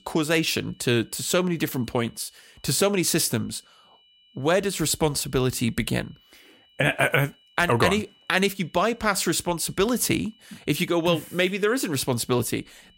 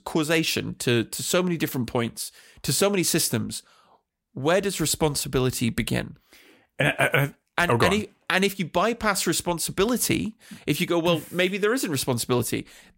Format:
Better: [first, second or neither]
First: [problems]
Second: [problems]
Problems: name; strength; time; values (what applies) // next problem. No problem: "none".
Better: second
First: high-pitched whine; faint; throughout; 3 kHz, 30 dB below the speech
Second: none